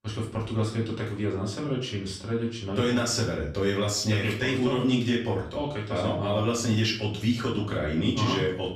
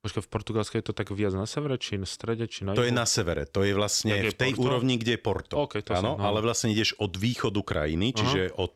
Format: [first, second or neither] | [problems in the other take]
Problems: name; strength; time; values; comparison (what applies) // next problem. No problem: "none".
second | off-mic speech; far // room echo; slight; dies away in 0.5 s